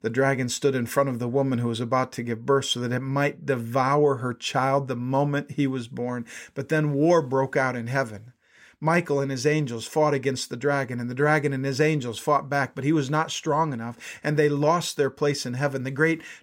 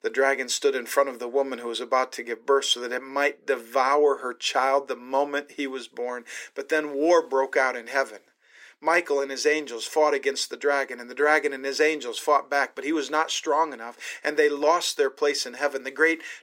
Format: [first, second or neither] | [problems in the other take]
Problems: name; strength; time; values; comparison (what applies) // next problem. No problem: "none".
first | thin; somewhat; fading below 350 Hz